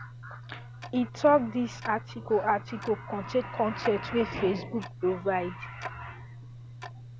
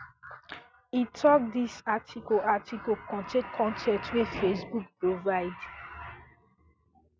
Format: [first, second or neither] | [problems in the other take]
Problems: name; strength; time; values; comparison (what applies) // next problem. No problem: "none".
second | background sound (Tick-tock); 13 dB below the speech